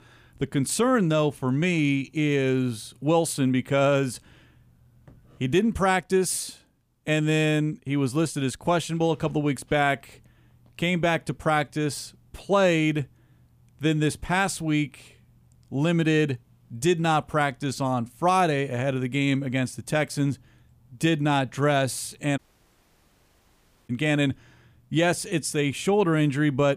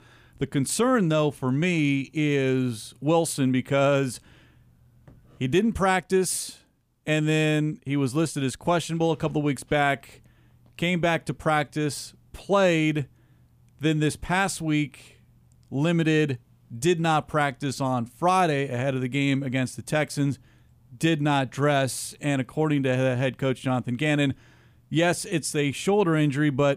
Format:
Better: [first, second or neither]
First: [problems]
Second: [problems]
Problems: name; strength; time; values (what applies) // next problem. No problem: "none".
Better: second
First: audio cutting out; at 22 s for 1.5 s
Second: none